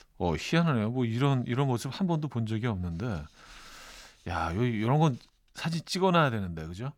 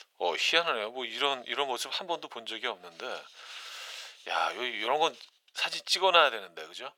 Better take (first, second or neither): first